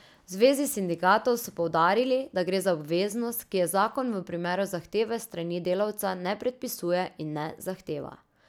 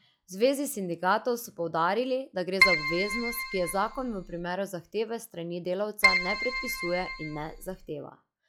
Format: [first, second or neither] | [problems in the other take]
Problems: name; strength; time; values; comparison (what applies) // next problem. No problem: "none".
first | noise reduction (classical method log-MMSE)